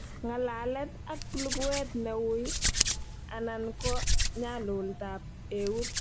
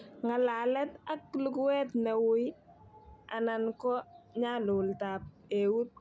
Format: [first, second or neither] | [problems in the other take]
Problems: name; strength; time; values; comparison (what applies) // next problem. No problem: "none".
second | background sound (Hands); 2 dB above the speech